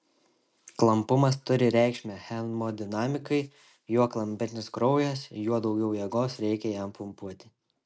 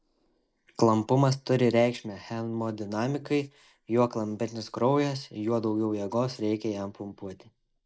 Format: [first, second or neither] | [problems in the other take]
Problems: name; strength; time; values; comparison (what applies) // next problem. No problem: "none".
first | noise reduction (neural mask model Resemble Enhance denoiser)